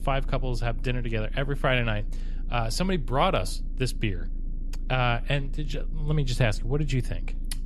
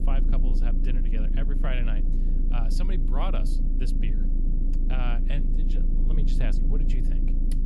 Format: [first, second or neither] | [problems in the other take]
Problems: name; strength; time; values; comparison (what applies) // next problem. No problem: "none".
first | low rumble; loud; throughout; 3 dB below the speech; faint in the first